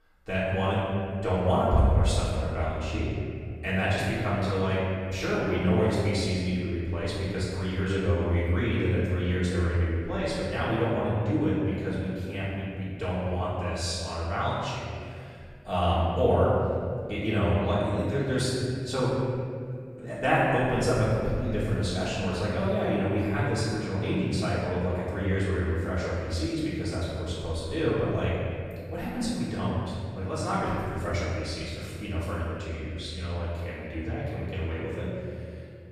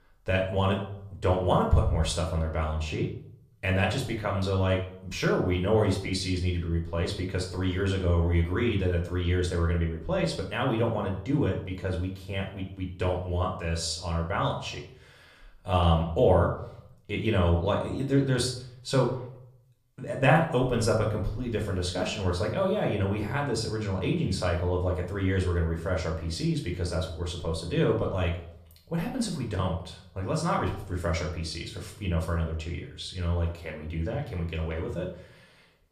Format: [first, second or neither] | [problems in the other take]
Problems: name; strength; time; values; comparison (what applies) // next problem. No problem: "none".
second | room echo; strong; dies away in 2.2 s; slight in the second // off-mic speech; far; somewhat distant in the second